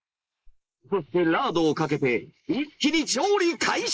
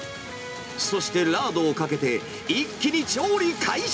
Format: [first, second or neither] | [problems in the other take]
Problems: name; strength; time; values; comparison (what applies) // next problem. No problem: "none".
second | noise reduction (neural mask model Resemble Enhance denoiser)